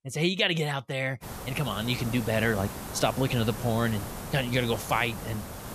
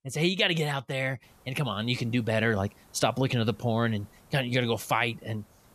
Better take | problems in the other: second | hiss; loud; from 1 s on; 10 dB below the speech; faint in the second

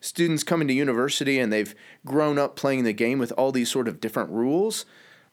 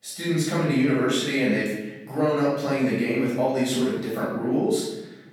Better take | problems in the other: first | room echo; noticeable; dies away in 1 s // off-mic speech; far

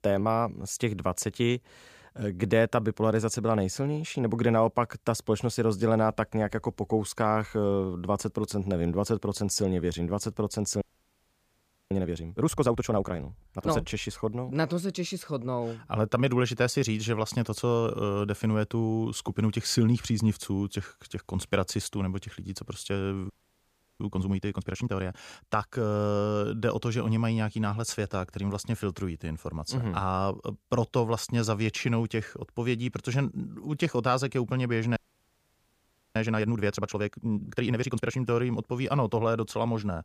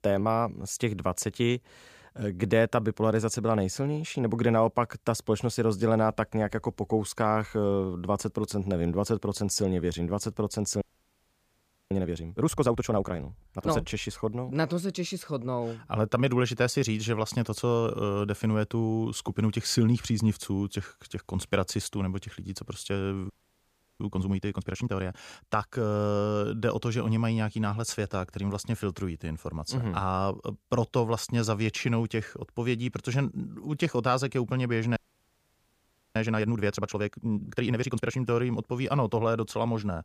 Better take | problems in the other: neither | audio freezing; at 11 s for 1 s, at 23 s for 0.5 s and at 35 s for 1 s; the same in both

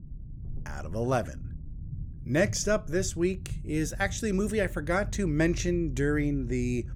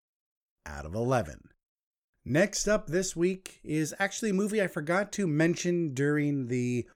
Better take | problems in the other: second | low rumble; faint; throughout; 25 dB below the speech

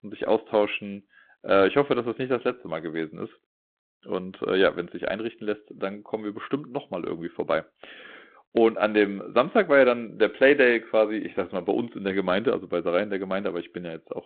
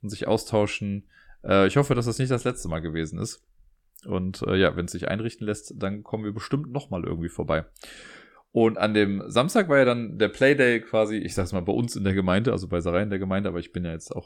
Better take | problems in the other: second | phone-call audio; nothing above 4 kHz

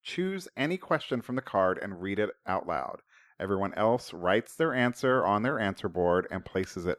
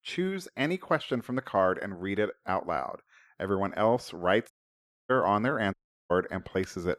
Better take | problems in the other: first | audio cutting out; at 4.5 s for 0.5 s and at 5.5 s

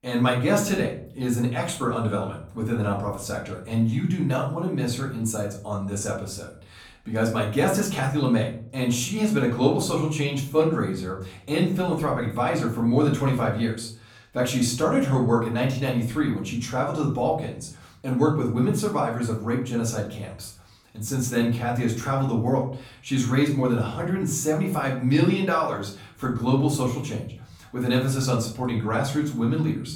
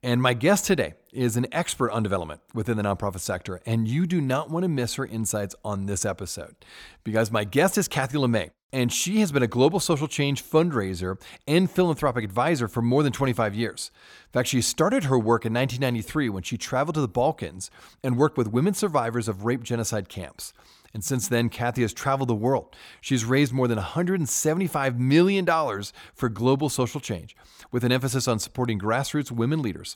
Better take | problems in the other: second | room echo; slight; dies away in 0.5 s // off-mic speech; far

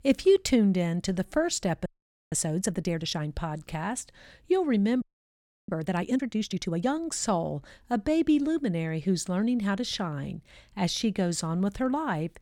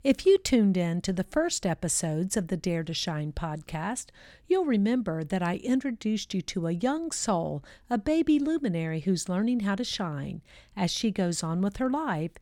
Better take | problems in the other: second | audio freezing; at 2 s and at 5 s for 0.5 s

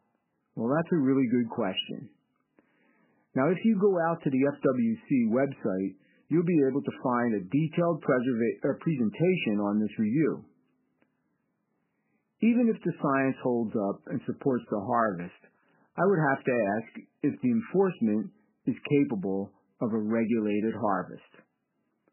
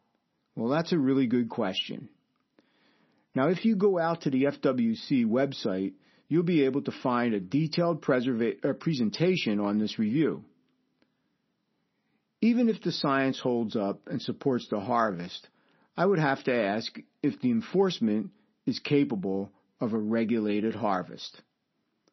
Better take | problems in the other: second | garbled, watery; badly; nothing above 3 kHz; slightly in the second

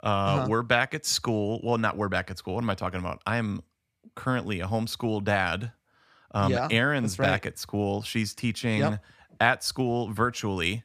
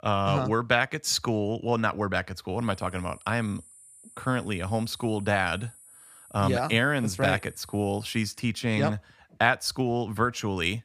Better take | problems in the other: first | high-pitched whine; faint; from 2.5 to 8.5 s; 9.5 kHz, 20 dB below the speech

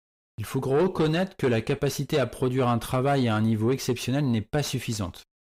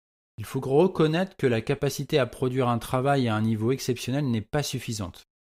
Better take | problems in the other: second | distortion; slight; 10 dB below the speech

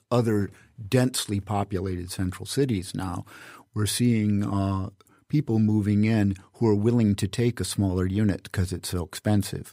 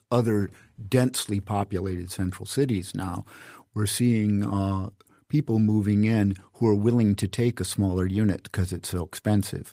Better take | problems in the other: first | garbled, watery; slightly; nothing above 15.5 kHz

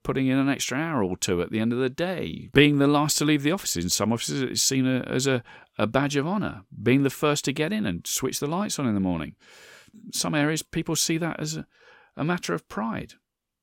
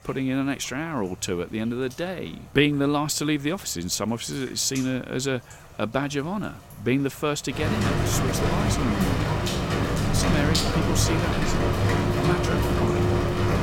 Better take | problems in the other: first | rain or running water; very loud; throughout; 3 dB above the speech

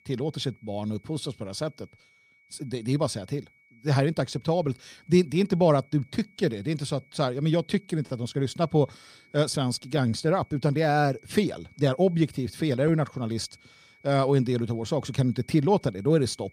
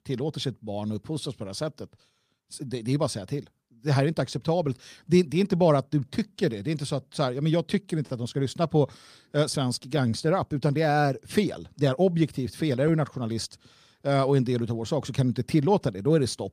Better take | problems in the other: second | high-pitched whine; faint; throughout; 2 kHz, 30 dB below the speech

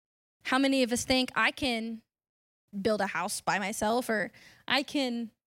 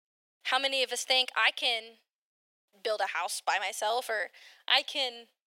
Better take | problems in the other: first | thin; very; fading below 450 Hz

